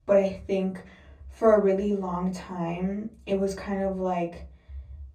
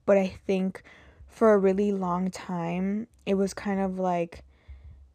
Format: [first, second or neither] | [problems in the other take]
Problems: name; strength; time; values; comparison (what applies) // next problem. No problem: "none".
second | off-mic speech; far // room echo; very slight; dies away in 0.3 s